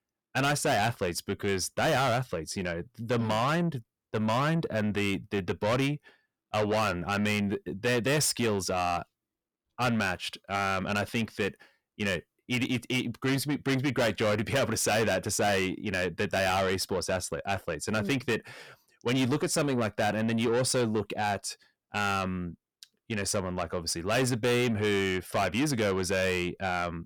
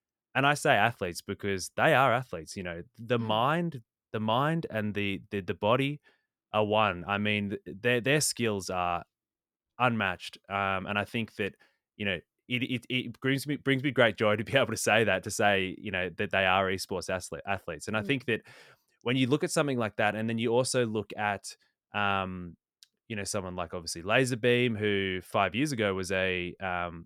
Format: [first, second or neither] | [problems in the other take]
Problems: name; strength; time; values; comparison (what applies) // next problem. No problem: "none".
second | distortion; heavy; 6 dB below the speech